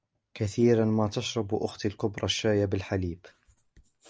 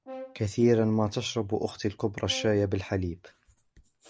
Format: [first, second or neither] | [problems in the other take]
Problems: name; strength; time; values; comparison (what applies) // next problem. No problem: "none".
first | background sound (Brass instrument); 19 dB below the speech